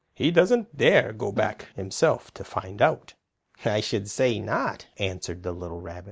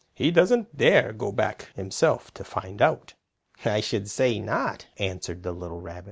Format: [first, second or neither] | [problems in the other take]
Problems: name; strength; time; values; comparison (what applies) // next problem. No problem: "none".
second | noise reduction (neural mask model Resemble Enhance denoiser)